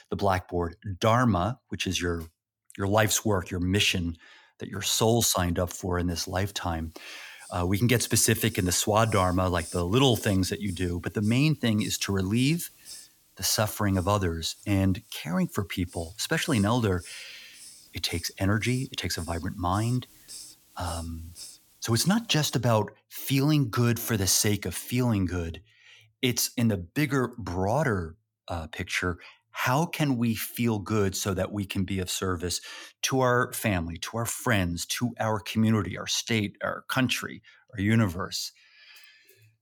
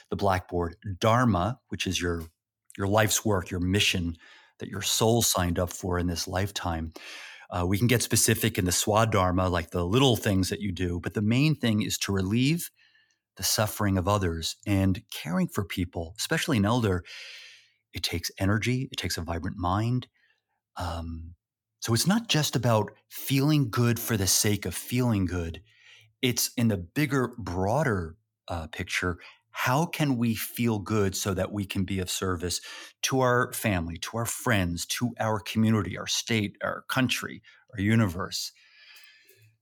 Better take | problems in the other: second | hiss; noticeable; from 6 to 23 s; 20 dB below the speech

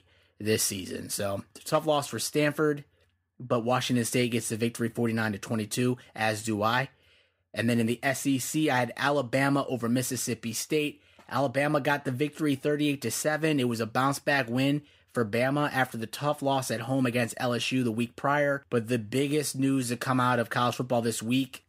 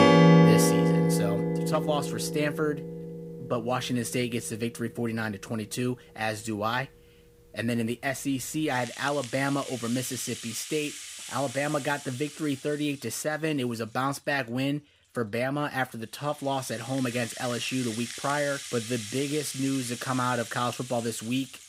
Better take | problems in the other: first | background music; very loud; throughout; 1 dB above the speech

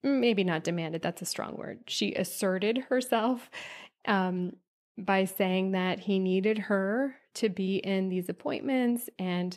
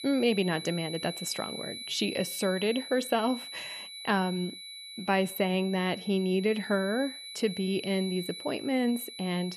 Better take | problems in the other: first | high-pitched whine; loud; throughout; 4 kHz, 10 dB below the speech

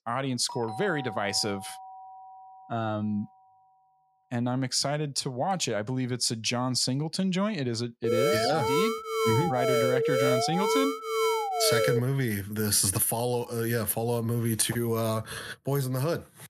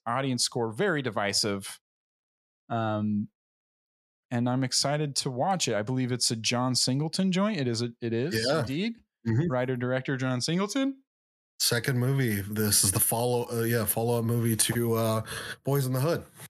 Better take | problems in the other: second | doorbell; faint; until 3 s; peak 10 dB below the speech // alarm; loud; from 8 to 12 s; peak 3 dB above the speech

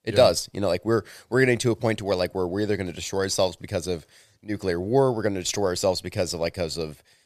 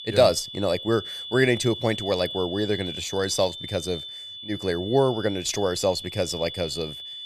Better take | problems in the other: first | high-pitched whine; loud; throughout; 3.5 kHz, 9 dB below the speech

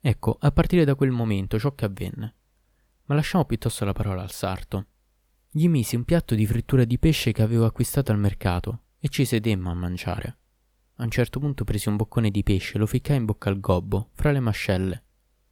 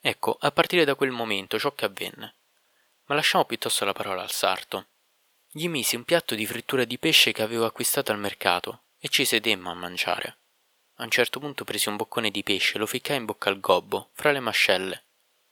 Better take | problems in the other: first | thin; very; fading below 550 Hz

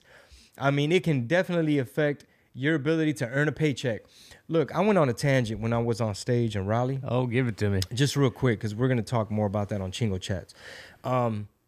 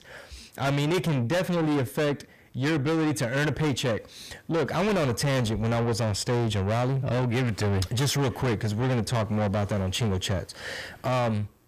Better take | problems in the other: first | distortion; heavy; 6 dB below the speech

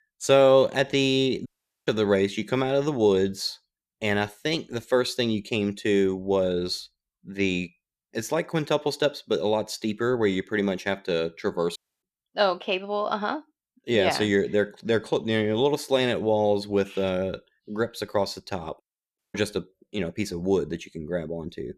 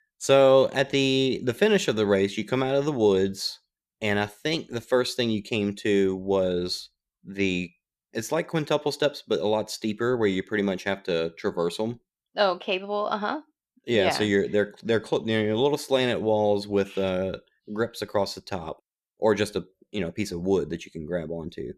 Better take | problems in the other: second | audio cutting out; at 1.5 s, at 12 s and at 19 s

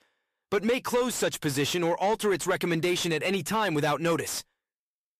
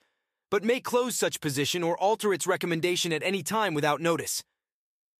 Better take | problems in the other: second | distortion; slight; 10 dB below the speech

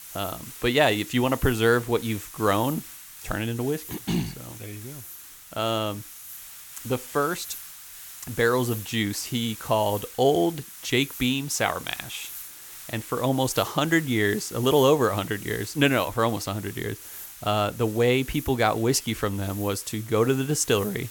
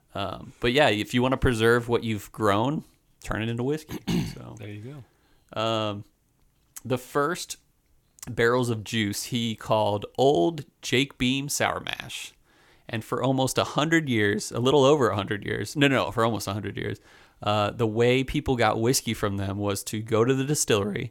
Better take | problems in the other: second | hiss; noticeable; throughout; 15 dB below the speech

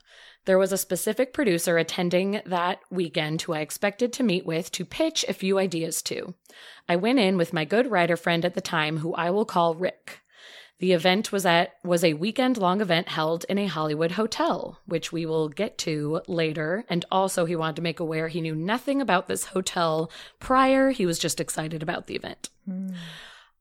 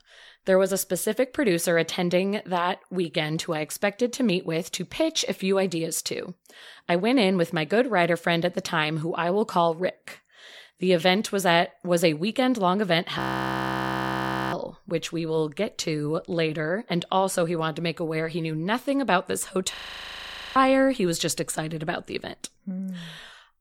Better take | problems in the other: first | audio freezing; at 13 s for 1.5 s and at 20 s for 1 s

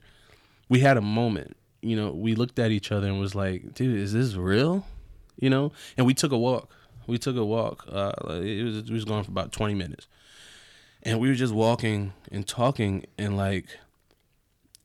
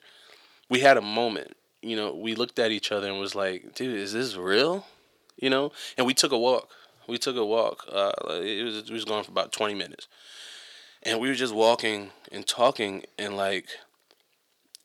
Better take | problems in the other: first | thin; somewhat; fading below 450 Hz

